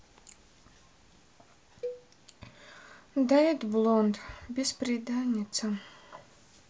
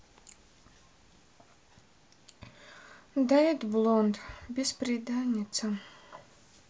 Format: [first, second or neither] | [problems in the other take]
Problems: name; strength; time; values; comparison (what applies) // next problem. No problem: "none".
second | background sound (Cowbell); 14 dB below the speech